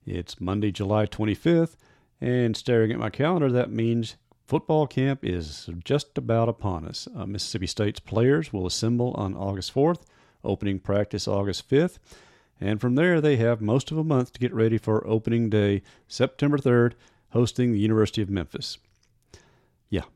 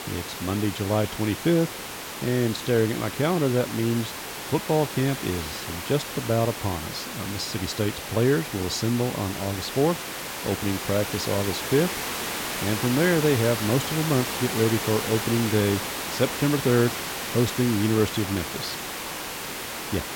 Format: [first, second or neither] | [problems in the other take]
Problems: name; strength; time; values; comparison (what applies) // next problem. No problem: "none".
first | hiss; loud; throughout; 5 dB below the speech